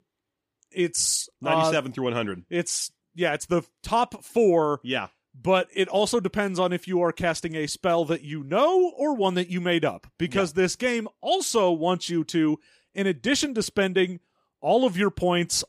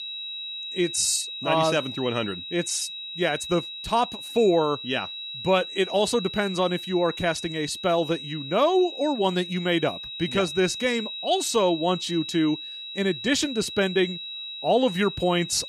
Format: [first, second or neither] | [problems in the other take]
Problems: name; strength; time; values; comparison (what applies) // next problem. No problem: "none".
first | high-pitched whine; loud; throughout; 4 kHz, 8 dB below the speech